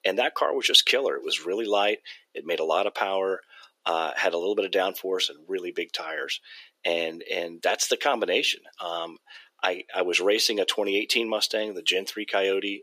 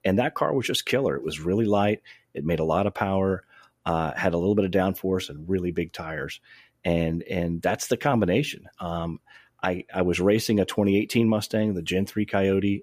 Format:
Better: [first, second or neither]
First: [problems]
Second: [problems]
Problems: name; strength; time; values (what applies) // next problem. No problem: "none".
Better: second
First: thin; very; fading below 350 Hz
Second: none